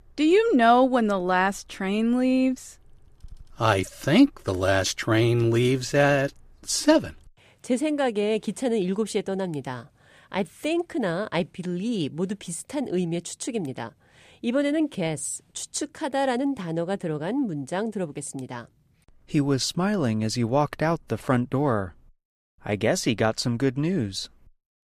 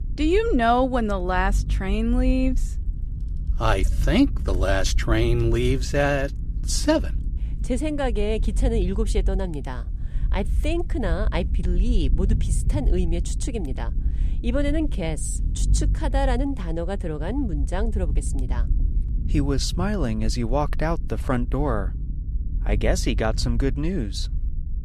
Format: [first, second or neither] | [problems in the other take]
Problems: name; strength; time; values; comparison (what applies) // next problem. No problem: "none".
first | low rumble; noticeable; throughout; 20 dB below the speech